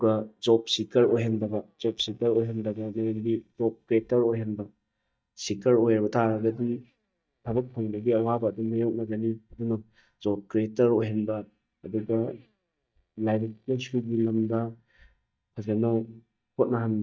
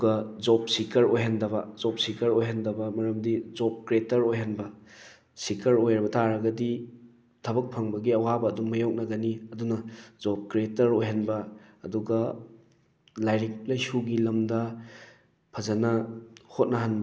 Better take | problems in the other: second | noise reduction (neural mask model DeepFilterNet 3)

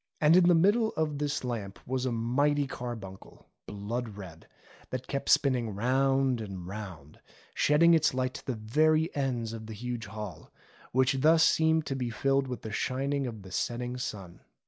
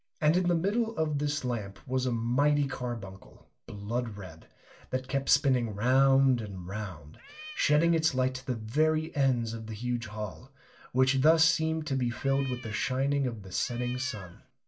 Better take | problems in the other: first | background sound (Cat); 17 dB below the speech // room echo; dies away in 0.2 s

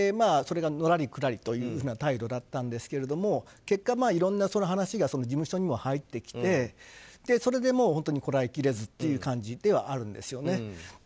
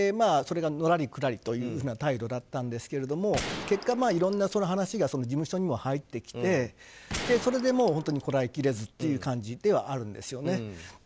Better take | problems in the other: first | background sound (Gunshot, gunfire); 11 dB below the speech

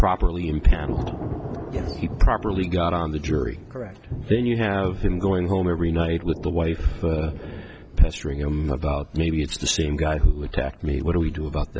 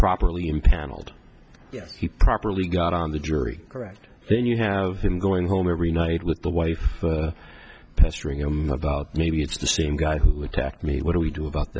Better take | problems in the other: second | background sound (Thunder / Rain); 13 dB below the speech

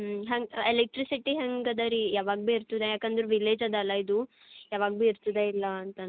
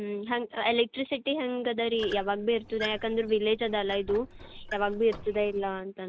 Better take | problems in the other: first | background sound (Squeak); 15 dB below the speech

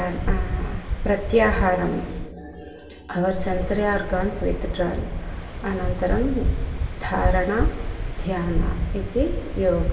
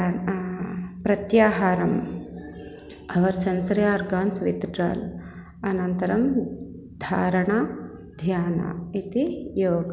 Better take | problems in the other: second | background sound (Waves, surf); 1 dB below the speech // room echo; dies away in 0.2 s

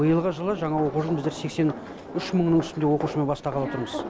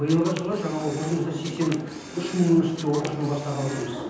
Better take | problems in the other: first | background sound (Camera); 17 dB below the speech // room echo; dies away in 0.9 s

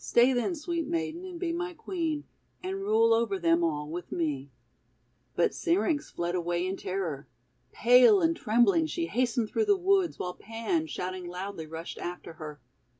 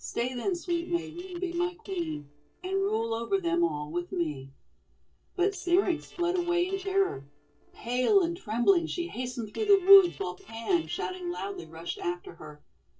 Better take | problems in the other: first | noise reduction (neural separator model SepFormer DNS4)

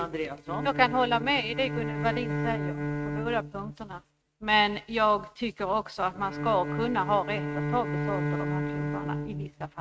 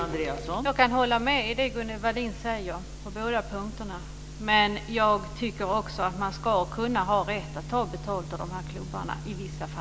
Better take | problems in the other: second | noise reduction (neural mask model RNNoise)

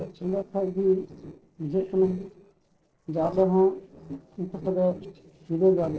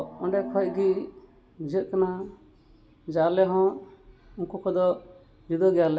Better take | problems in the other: second | noise reduction (neural separator model SepFormer DNS4)

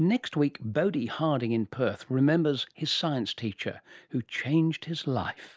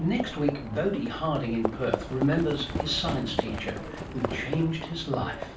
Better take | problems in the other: first | background sound (Livestock, farm animals, working animals); 5 dB below the speech // room echo; dies away in 0.3 s

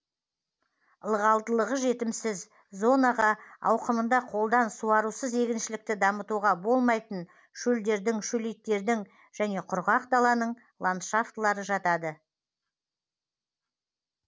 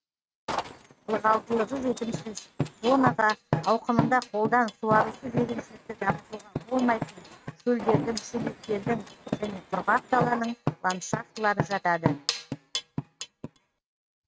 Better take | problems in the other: first | noise reduction (neural mask model RNNoise)

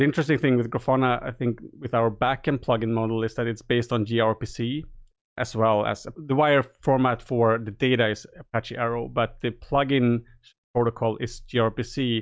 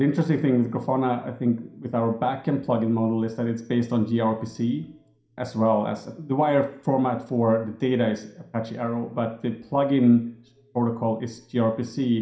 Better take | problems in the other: first | room echo; dies away in 0.5 s

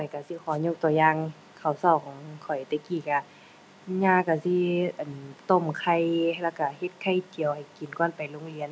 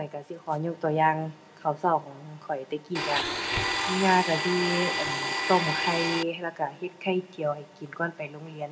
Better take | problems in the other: first | background sound (Domestic sounds, home sounds); as loud as the speech // room echo; dies away in 1.9 s

